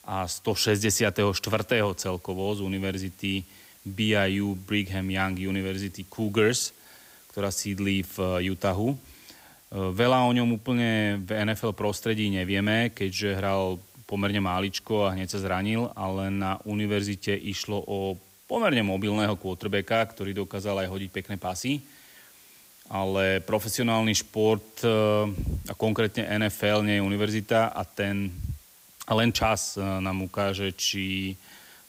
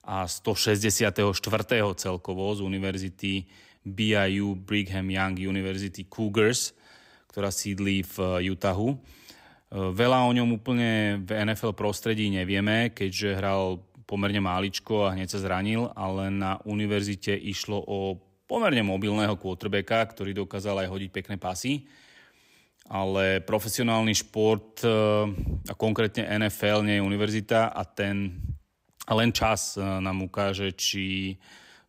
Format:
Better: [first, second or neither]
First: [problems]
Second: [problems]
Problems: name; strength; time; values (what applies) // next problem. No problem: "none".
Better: second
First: hiss; faint; throughout; 25 dB below the speech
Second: none